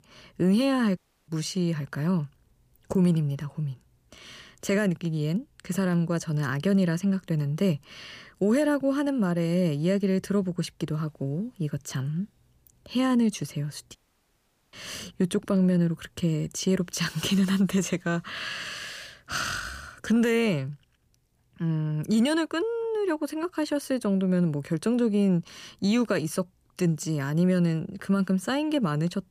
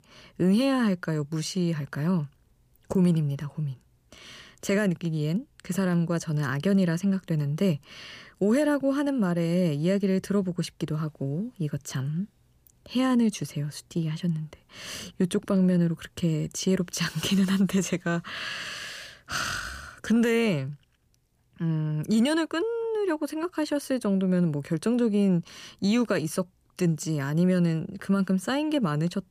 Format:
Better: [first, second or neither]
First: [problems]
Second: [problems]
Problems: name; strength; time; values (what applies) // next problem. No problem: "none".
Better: second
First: audio cutting out; at 1 s and at 14 s for 1 s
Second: none